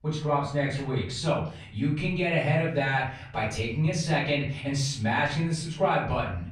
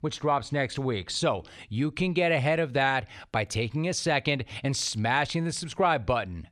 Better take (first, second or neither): second